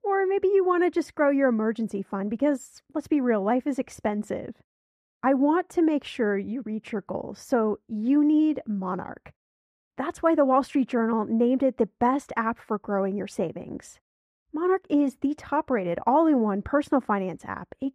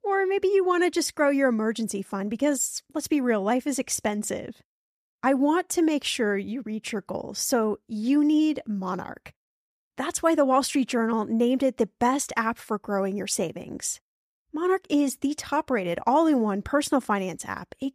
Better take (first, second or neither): second